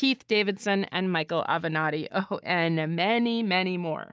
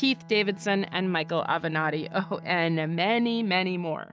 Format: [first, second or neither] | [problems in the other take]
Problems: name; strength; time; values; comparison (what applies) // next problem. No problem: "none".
first | background sound (Bowed string instrument); 18 dB below the speech